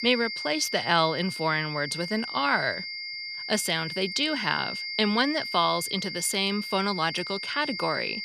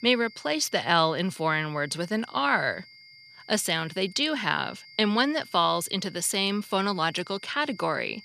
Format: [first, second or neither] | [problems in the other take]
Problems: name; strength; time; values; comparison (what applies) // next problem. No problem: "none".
second | high-pitched whine; loud; throughout; 2 kHz, 6 dB below the speech; faint in the second